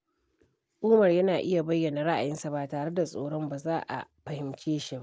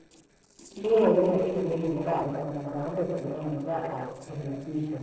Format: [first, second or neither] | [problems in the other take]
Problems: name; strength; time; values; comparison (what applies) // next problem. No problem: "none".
first | noise reduction (neural separator model SepFormer DNS4)